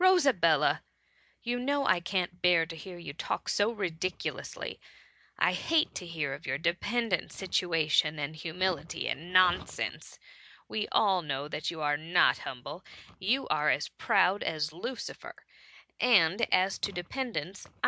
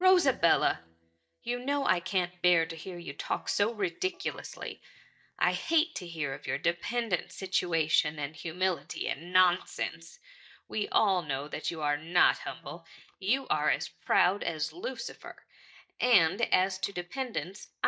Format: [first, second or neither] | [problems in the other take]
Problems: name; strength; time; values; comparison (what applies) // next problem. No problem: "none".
first | noise reduction (neural mask model DeepFilterNet 3)